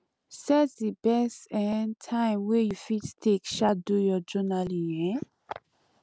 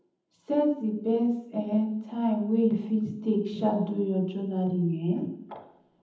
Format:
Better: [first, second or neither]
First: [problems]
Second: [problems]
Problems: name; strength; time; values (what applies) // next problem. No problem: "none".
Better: first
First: none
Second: room echo; dies away in 0.8 s